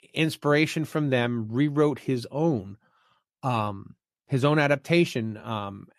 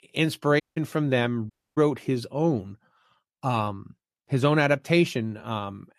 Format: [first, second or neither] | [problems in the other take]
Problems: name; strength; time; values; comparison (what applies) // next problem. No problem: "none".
first | audio cutting out; at 0.5 s and at 1.5 s